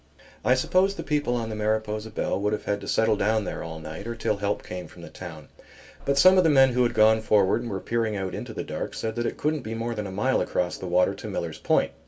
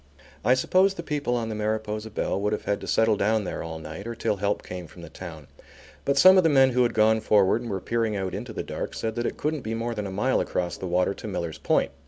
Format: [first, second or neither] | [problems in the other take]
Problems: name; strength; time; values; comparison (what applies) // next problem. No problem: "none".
second | background sound (Bus / Engine); 16 dB below the speech // room echo; dies away in 0.2 s